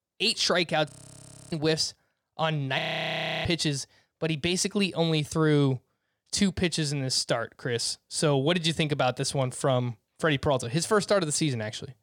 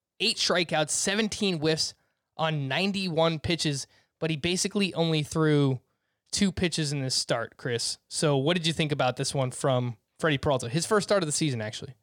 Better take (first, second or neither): second